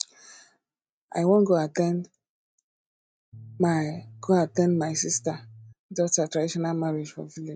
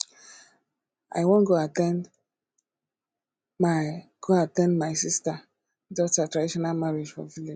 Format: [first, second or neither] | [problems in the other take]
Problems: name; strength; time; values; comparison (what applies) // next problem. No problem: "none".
second | noise reduction (neural mask model RNNoise)